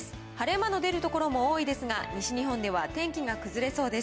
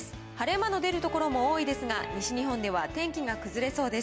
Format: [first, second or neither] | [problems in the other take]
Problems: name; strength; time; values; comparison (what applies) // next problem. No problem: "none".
first | background sound (Bowed string instrument); 14 dB below the speech